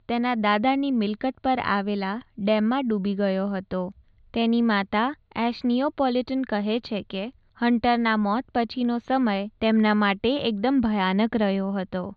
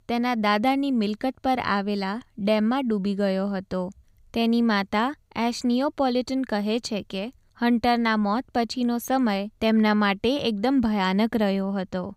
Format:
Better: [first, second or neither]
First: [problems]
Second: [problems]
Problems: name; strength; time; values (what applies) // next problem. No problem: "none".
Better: second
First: muffled; very slightly; fading above 4 kHz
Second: none